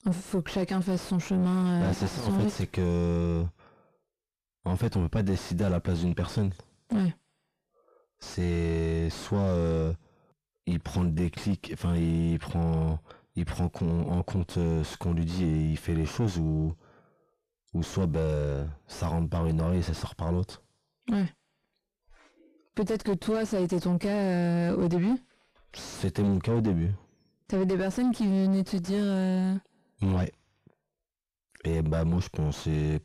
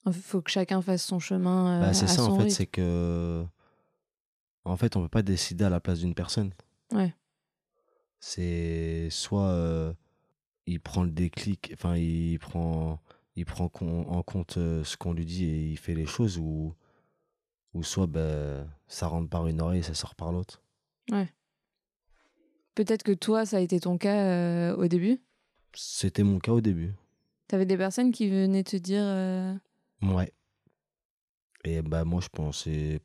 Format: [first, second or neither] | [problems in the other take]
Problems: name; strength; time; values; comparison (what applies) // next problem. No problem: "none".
second | distortion; heavy; 6 dB below the speech